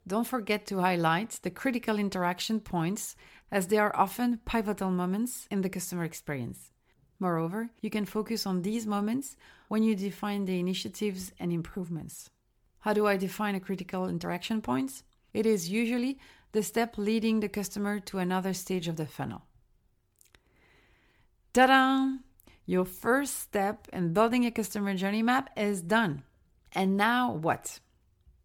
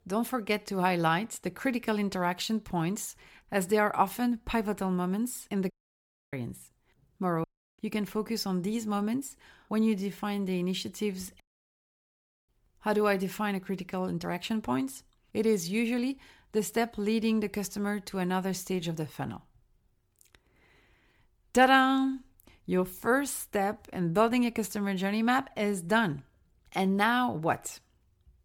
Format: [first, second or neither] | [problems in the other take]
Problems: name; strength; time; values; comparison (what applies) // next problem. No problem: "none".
first | audio cutting out; at 5.5 s for 0.5 s, at 7.5 s and at 11 s for 1 s